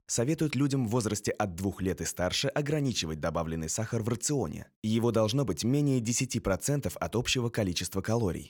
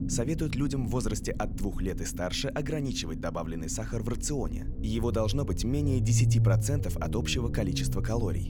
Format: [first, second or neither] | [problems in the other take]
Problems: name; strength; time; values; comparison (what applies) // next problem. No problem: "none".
first | low rumble; loud; throughout; 9 dB below the speech